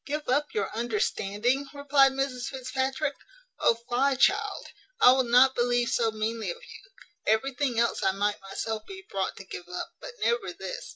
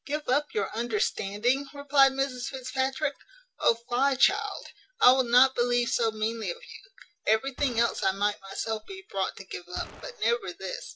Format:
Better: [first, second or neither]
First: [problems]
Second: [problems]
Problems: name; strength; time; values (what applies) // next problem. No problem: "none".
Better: first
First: none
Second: background sound (Gunshot, gunfire); 17 dB below the speech